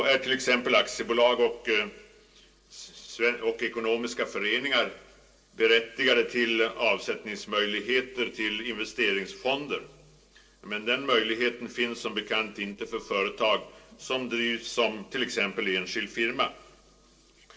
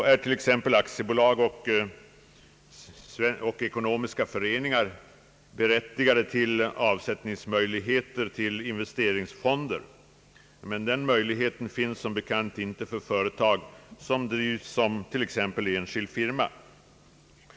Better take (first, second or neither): second